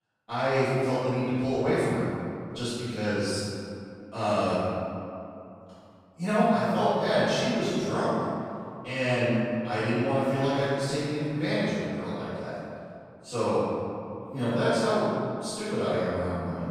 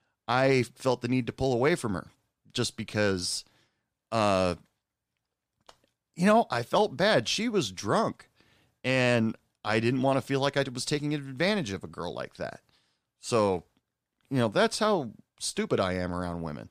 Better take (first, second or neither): second